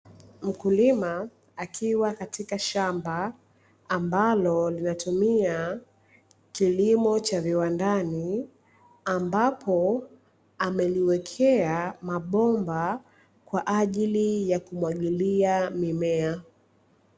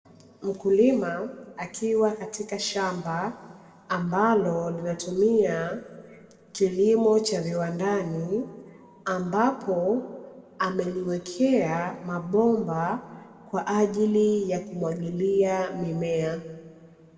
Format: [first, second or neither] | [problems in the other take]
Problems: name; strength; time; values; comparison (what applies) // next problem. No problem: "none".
first | room echo; dies away in 1.4 s